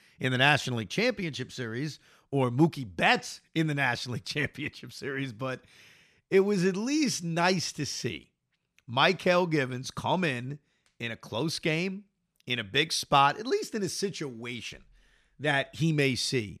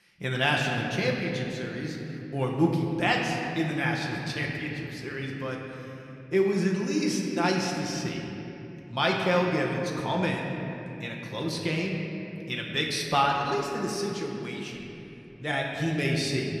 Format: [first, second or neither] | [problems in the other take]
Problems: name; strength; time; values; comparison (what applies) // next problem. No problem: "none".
first | room echo; noticeable; dies away in 2.9 s // off-mic speech; somewhat distant